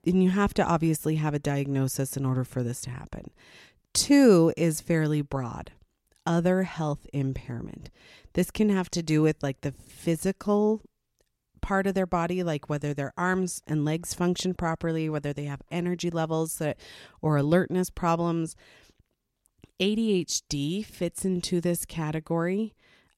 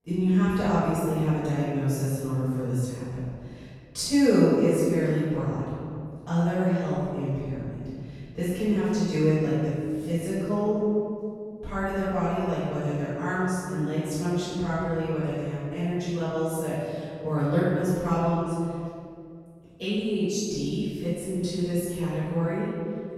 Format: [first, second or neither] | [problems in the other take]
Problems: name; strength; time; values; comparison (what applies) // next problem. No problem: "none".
first | off-mic speech; far // room echo; strong; dies away in 2.3 s